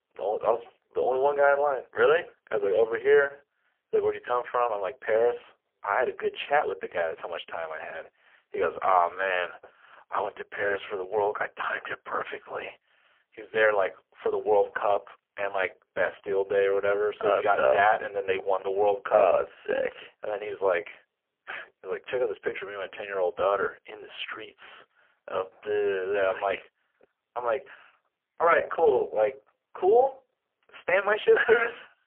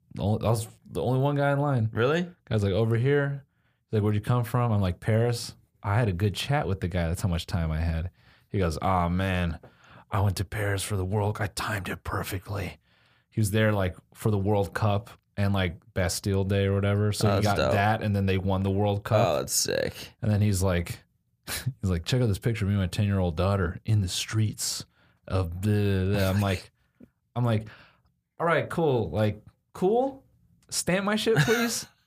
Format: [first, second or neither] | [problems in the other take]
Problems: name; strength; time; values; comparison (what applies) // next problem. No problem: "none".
second | phone-call audio; poor line; nothing above 3.5 kHz